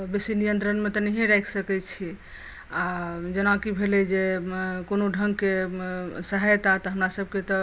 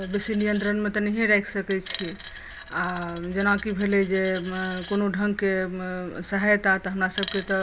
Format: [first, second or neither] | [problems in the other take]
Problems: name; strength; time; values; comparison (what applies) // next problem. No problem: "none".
first | background sound (Coin (dropping)); 17 dB below the speech